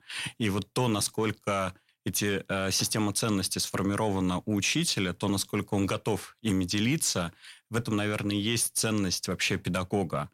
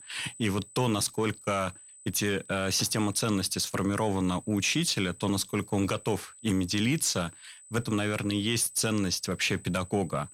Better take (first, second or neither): first